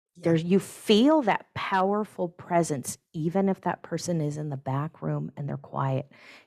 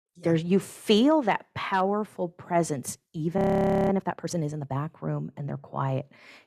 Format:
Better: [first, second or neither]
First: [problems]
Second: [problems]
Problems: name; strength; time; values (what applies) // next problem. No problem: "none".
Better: first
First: none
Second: audio freezing; at 3.5 s for 0.5 s